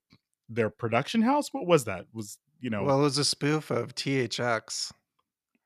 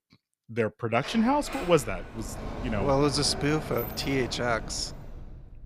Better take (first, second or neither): first